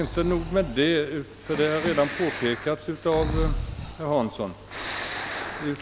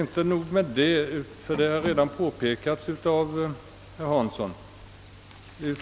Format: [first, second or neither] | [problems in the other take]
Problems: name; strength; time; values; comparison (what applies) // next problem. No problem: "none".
second | background sound (Breathing); 7 dB below the speech